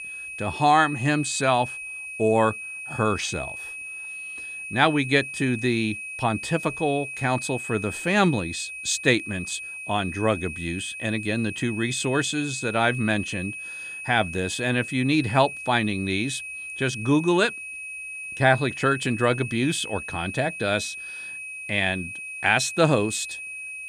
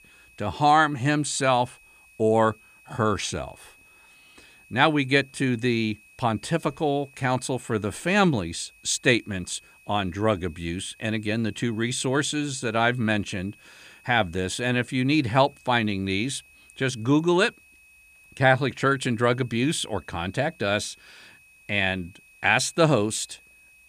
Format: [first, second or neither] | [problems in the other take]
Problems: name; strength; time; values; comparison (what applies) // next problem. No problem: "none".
second | high-pitched whine; loud; throughout; 2.5 kHz, 9 dB below the speech; faint in the second